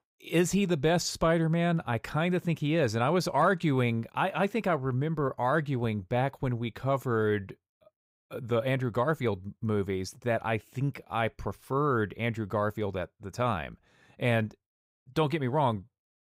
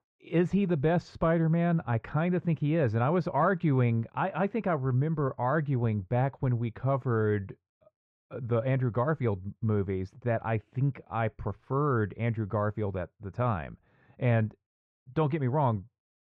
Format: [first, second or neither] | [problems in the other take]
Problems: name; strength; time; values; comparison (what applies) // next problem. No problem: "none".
first | muffled; very; fading above 2 kHz